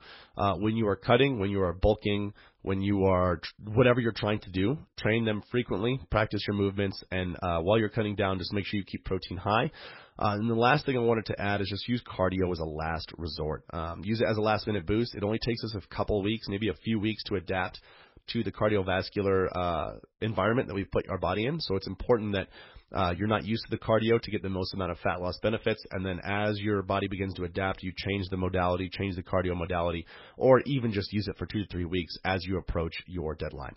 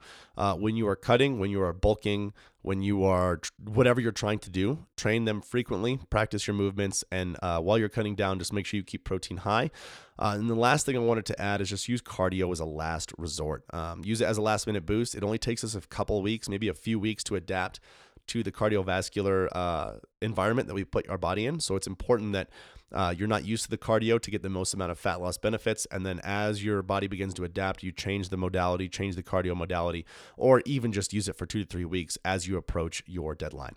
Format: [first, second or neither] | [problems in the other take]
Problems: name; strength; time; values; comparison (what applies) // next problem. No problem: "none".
second | garbled, watery; badly; nothing above 5.5 kHz